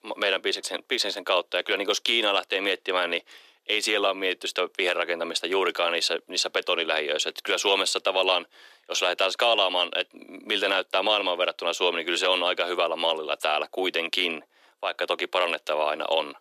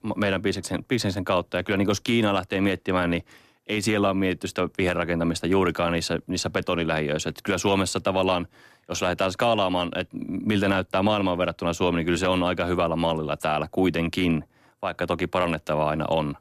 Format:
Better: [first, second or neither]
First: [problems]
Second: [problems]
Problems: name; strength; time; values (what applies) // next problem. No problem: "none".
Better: second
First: thin; very; fading below 400 Hz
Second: none